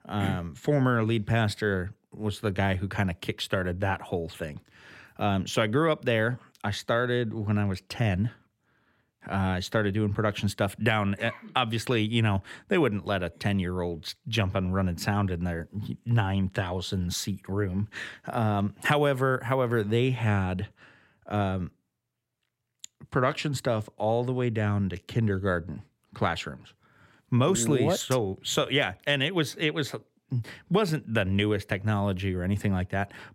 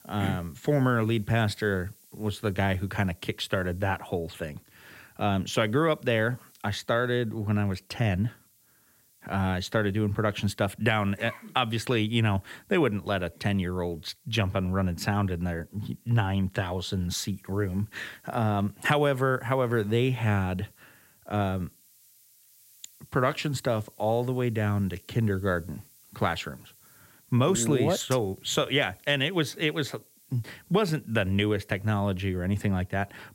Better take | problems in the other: first | hiss; faint; throughout; 30 dB below the speech

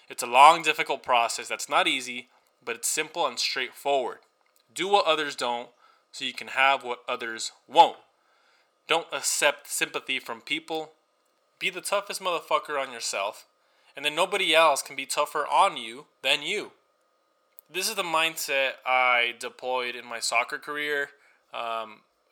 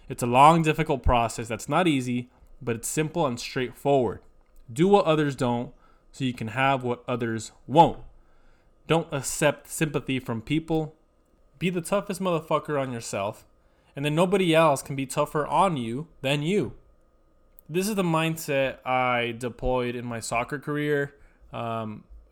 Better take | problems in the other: second | thin; very; fading below 700 Hz

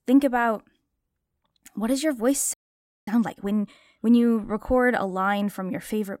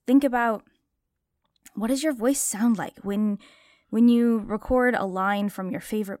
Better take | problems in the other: second | audio freezing; at 2.5 s for 0.5 s

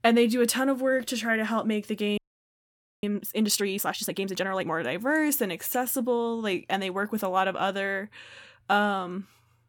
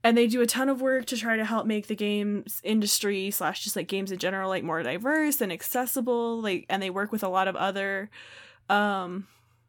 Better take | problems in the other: second | audio freezing; at 2 s for 1 s

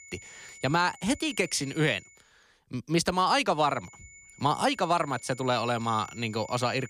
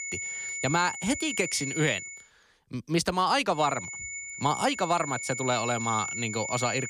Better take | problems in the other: first | high-pitched whine; loud; until 2 s and from 3.5 s on; 2 kHz, 6 dB below the speech; faint in the first

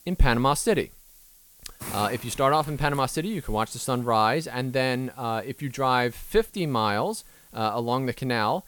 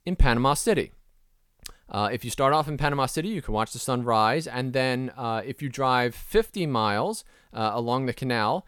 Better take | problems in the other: second | hiss; noticeable; throughout; 20 dB below the speech

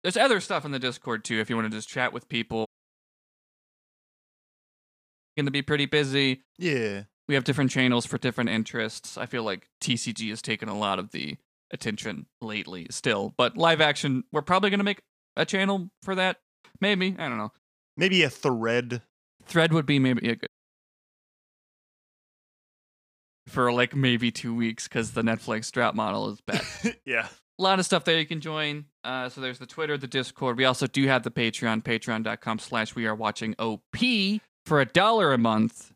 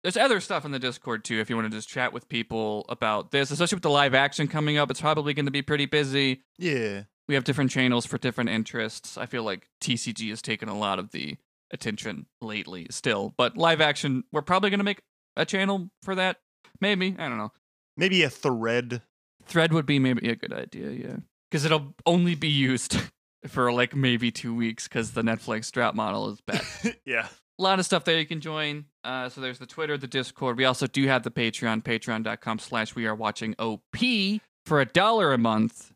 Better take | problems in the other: second | audio cutting out; at 2.5 s for 2.5 s and at 20 s for 3 s

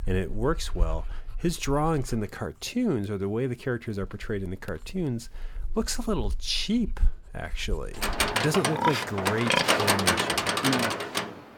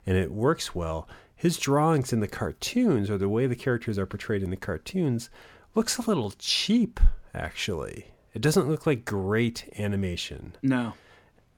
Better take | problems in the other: second | animal sounds; very loud; throughout; 3 dB above the speech

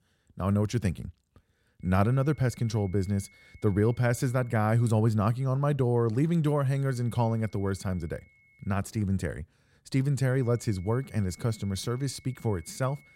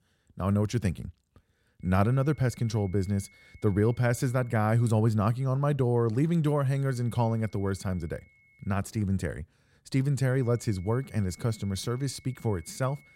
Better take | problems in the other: neither | high-pitched whine; faint; from 2 to 5 s, from 6.5 to 9 s and from 10 s on; 2 kHz, 30 dB below the speech; the same in both

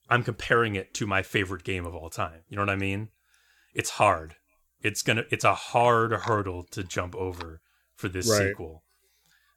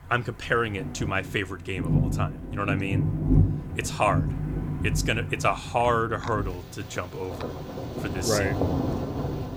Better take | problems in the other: first | rain or running water; loud; throughout; 1 dB below the speech

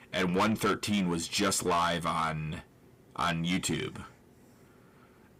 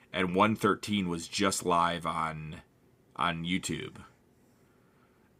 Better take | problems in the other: second | distortion; heavy; 7 dB below the speech

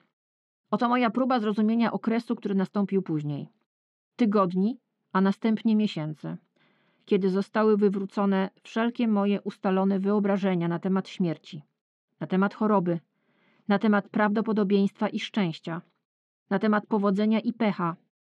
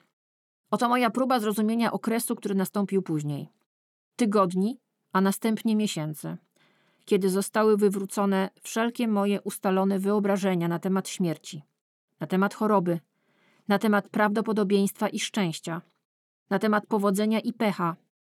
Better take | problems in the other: second | muffled; very slightly; fading above 4 kHz

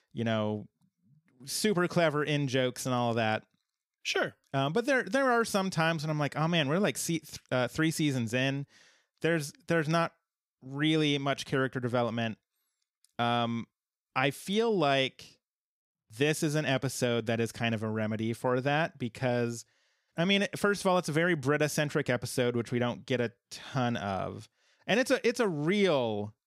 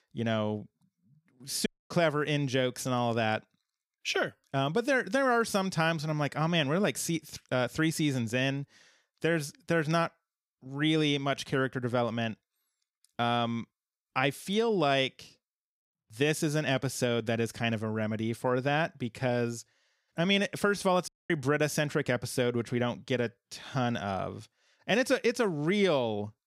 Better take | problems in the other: first | audio cutting out; at 1.5 s and at 21 s

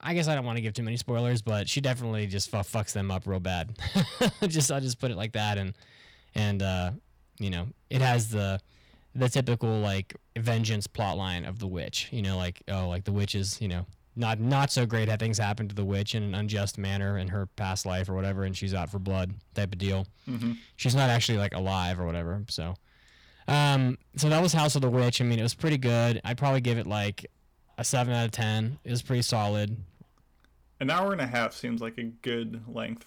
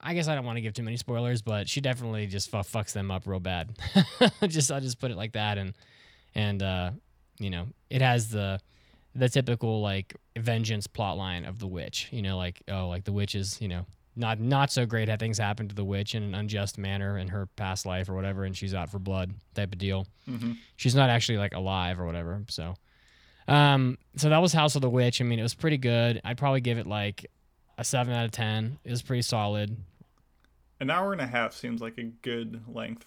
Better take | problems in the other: second | distortion; slight; 5% of the sound clipped

